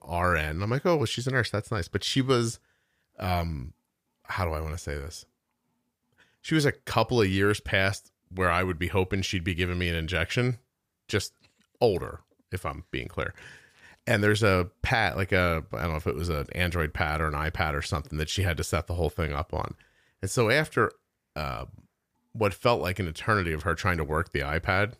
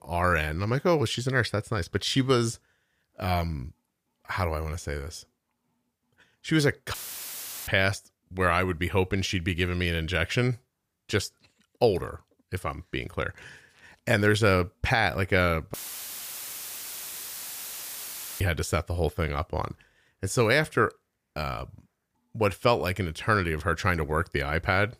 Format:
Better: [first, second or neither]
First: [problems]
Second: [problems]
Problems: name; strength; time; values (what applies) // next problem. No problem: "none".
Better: first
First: none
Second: audio cutting out; filled with static; at 7 s for 0.5 s and at 16 s for 2.5 s